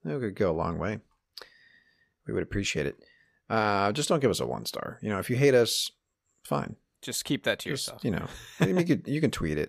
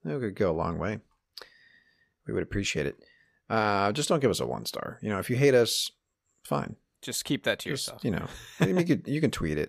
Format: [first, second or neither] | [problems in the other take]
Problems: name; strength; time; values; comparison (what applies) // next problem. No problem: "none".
neither | none